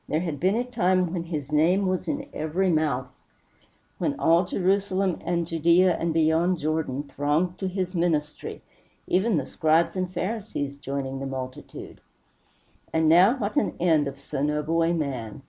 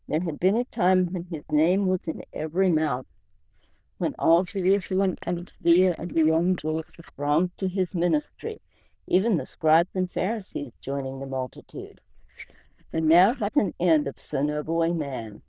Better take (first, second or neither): first